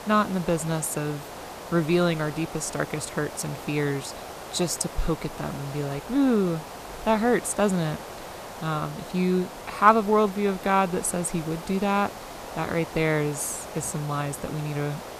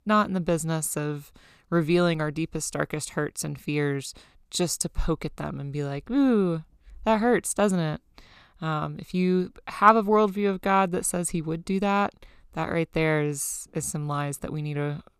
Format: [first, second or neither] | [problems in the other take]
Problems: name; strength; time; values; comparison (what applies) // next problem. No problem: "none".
second | hiss; noticeable; throughout; 10 dB below the speech